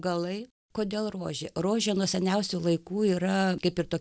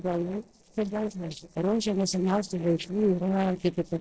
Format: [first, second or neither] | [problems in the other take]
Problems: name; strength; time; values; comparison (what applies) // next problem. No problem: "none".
first | noise reduction (neural separator model SepFormer DNS4)